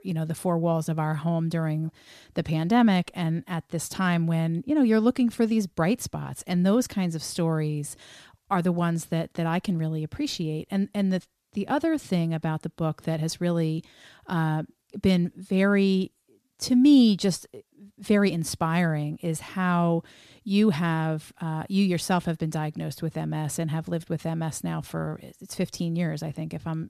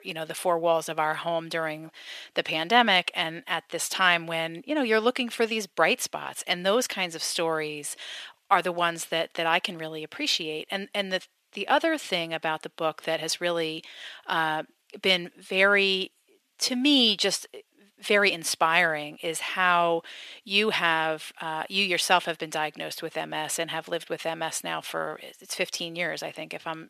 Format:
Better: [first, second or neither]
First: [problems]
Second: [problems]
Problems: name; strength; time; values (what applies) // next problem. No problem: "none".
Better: first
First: none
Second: thin; very; fading below 550 Hz